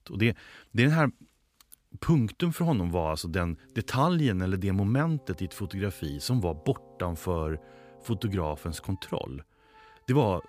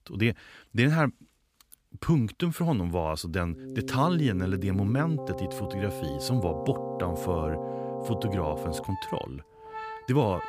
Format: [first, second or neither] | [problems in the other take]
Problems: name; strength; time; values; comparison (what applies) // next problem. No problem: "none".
first | background music; loud; from 3.5 s on; 7 dB below the speech; faint in the first